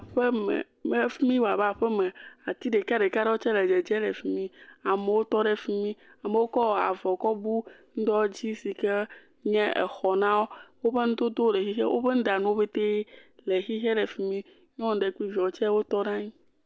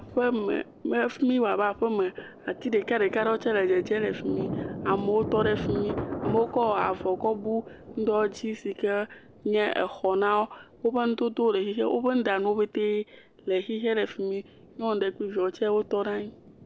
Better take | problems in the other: first | background sound (Thunder); 12 dB below the speech

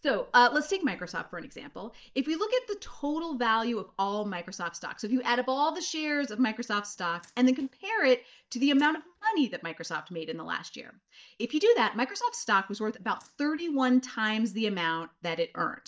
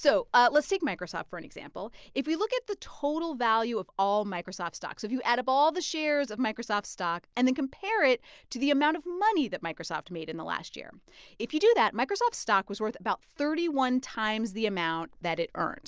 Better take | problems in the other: second | noise reduction (neural mask model DeepFilterNet 3)

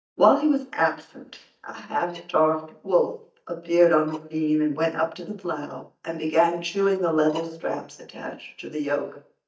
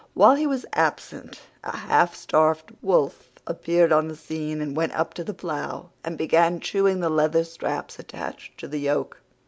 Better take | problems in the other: second | noise reduction (neural mask model DeepFilterNet 3)

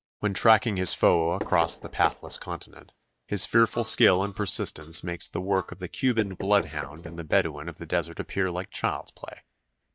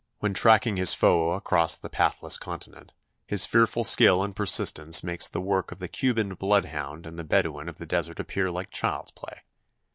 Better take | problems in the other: second | noise reduction (neural mask model DeepFilterNet 3)

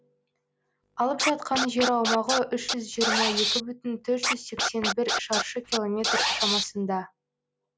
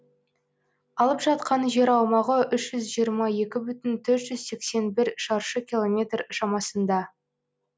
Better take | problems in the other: second | background sound (Scratching (performance technique)); as loud as the speech

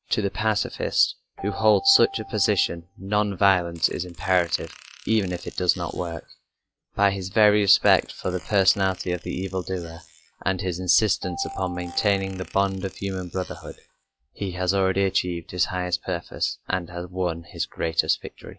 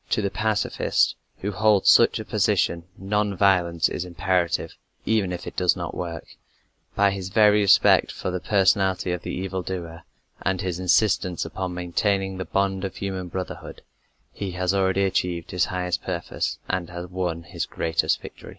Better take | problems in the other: second | noise reduction (classical method log-MMSE)

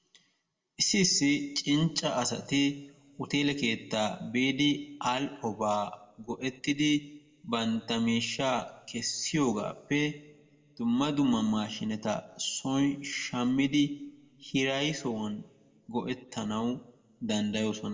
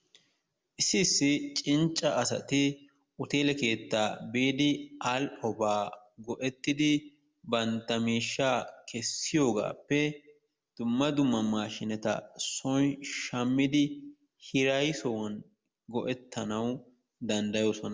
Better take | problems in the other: second | room echo; dies away in 0.8 s

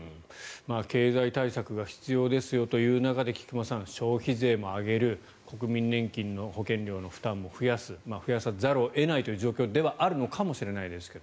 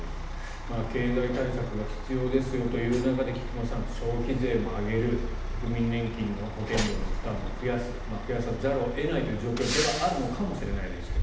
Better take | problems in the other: first | background sound (Truck); 3 dB below the speech // room echo; dies away in 0.8 s

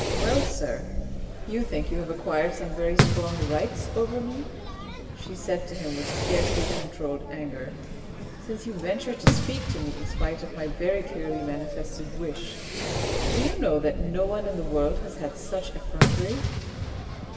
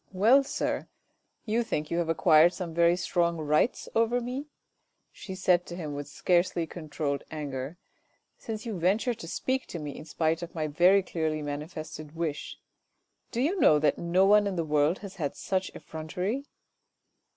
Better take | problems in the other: second | background sound (Fireworks); 2 dB above the speech // room echo; dies away in 1.8 s

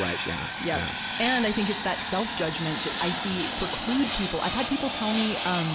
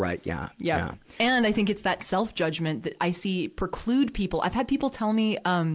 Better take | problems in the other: second | background sound (Fixed-wing aircraft, airplane); 3 dB below the speech

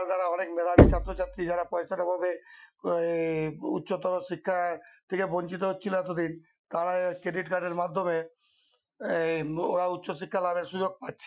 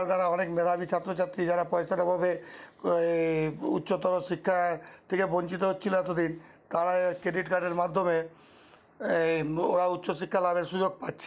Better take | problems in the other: second | noise reduction (classical method Wiener filter)

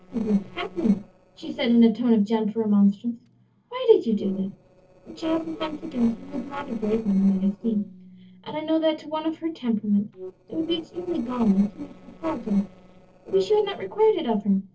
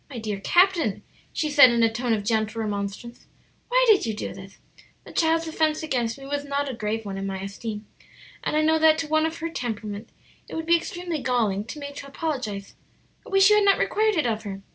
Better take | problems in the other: second | noise reduction (neural separator model SepFormer DNS4)

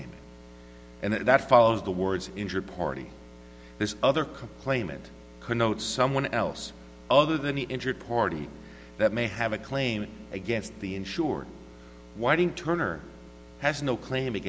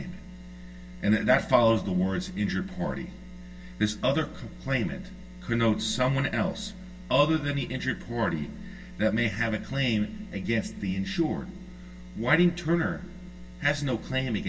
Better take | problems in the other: first | room echo; dies away in 0.1 s

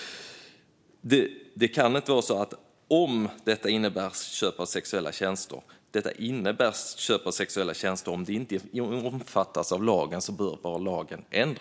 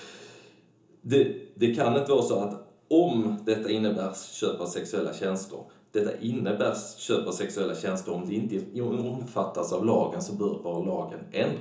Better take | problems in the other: first | room echo; dies away in 0.8 s

